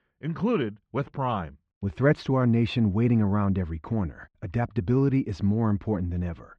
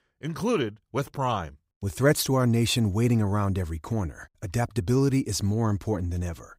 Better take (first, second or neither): second